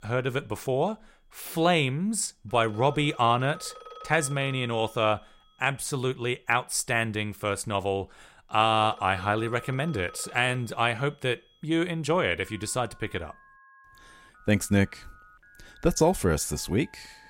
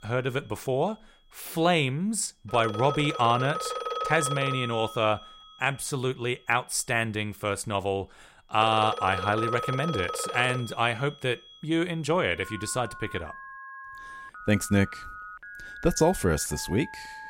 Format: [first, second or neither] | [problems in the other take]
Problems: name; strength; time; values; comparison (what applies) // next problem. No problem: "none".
first | alarms or sirens; loud; throughout; 9 dB below the speech; faint in the first